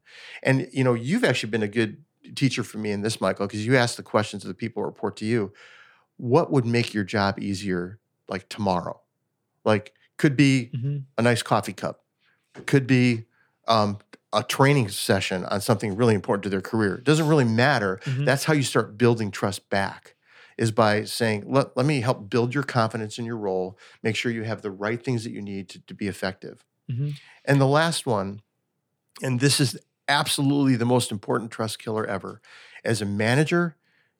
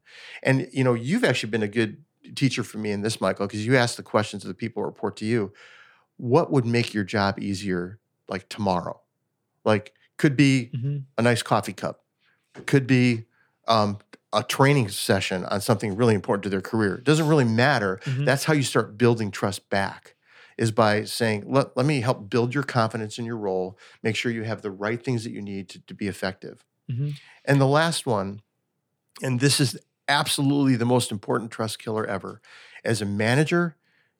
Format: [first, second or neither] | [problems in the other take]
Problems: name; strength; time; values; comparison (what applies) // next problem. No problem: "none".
neither | none